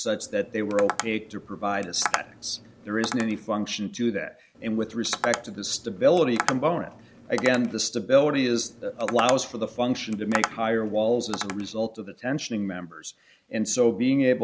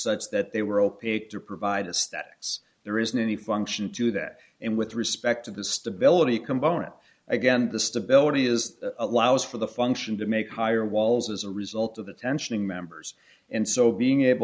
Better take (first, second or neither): second